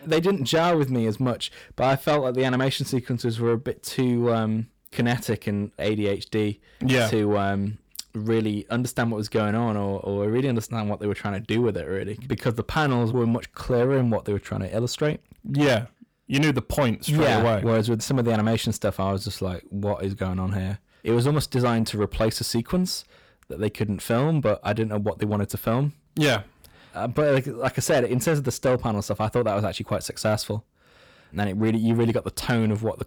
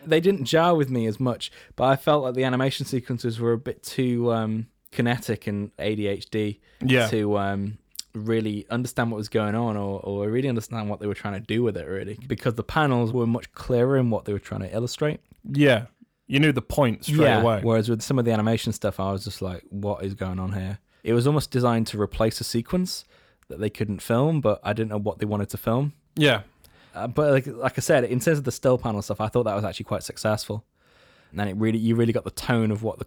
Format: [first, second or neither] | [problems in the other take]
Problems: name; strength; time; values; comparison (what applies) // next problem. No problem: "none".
second | distortion; slight; 10 dB below the speech